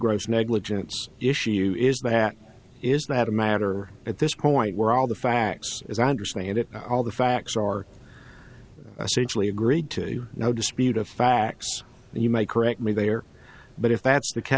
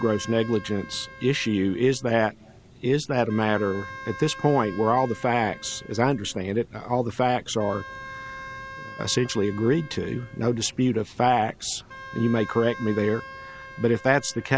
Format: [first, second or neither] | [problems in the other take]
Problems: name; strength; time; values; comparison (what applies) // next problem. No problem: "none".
first | background sound (Wind instrument, woodwind instrument); 17 dB below the speech